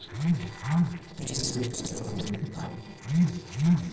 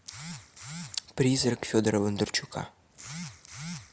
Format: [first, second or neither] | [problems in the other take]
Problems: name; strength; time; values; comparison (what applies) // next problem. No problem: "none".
second | noise reduction (neural separator model SepFormer DNS4)